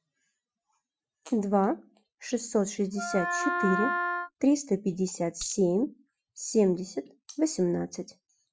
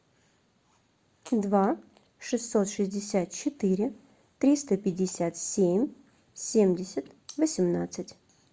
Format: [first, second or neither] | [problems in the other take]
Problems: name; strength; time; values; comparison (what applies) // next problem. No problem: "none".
second | noise reduction (classical method Wiener filter)